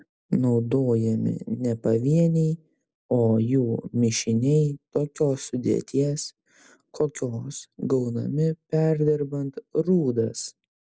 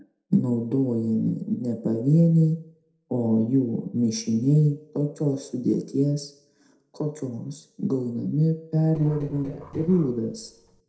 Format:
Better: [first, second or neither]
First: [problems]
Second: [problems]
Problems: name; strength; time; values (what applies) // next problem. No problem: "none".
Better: first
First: none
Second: noise reduction (neural separator model SepFormer DNS4)